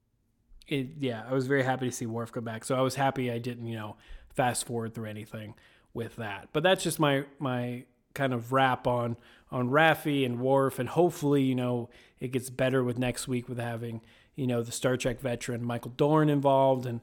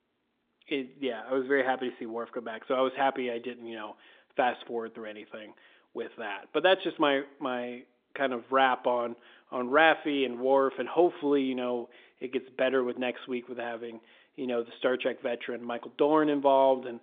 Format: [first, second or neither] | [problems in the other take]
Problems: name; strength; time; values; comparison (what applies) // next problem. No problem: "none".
first | phone-call audio; nothing above 3.5 kHz